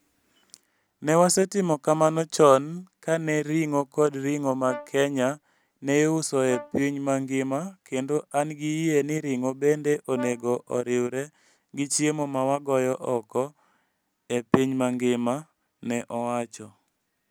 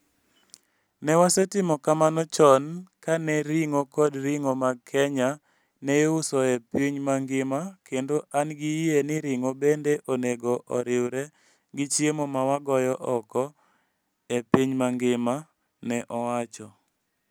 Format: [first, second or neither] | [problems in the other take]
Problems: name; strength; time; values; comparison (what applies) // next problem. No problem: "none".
second | background sound (Brass instrument); 18 dB below the speech